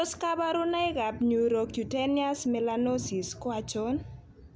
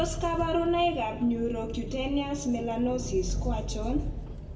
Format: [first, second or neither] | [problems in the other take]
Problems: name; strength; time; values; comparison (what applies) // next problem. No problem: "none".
first | background sound (Engine); 5 dB below the speech // room echo; dies away in 0.7 s